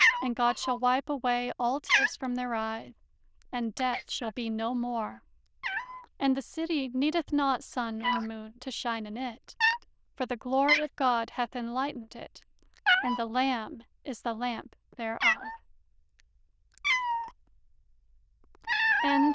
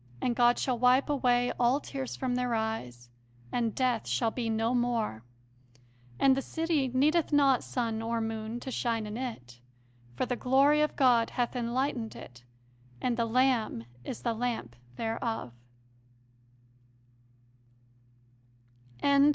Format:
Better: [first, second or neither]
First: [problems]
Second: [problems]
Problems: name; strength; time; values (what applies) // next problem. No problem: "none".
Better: second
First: noise reduction (neural diffusion model UNIVERSE++)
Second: none